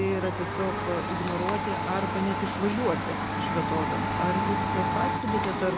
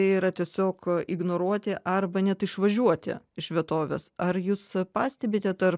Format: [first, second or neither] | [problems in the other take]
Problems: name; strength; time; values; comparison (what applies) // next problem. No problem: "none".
second | background sound (Domestic sounds, home sounds); 2 dB above the speech